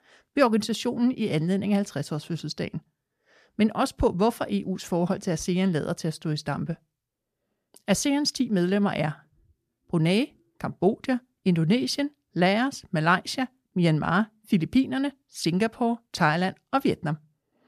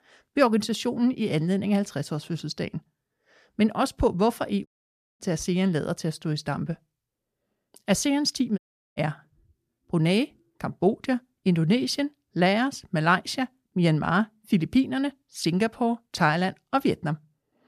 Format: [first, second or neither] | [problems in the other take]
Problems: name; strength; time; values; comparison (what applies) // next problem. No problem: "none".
first | audio cutting out; at 4.5 s for 0.5 s and at 8.5 s